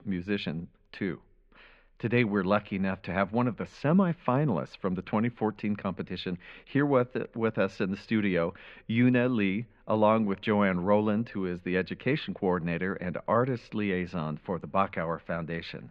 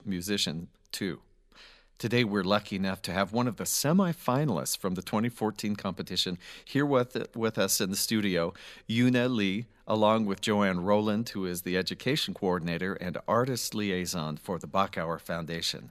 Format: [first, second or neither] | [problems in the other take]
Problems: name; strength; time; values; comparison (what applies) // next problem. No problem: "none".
second | muffled; very; fading above 2.5 kHz